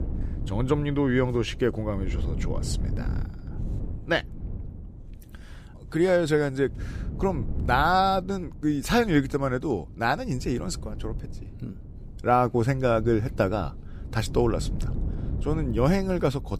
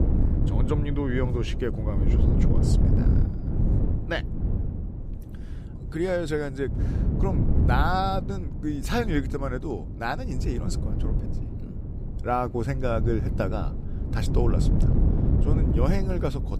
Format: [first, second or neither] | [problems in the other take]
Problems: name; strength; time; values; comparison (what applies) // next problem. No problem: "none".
first | wind noise on the microphone; heavy; 7 dB below the speech; occasional gusts in the first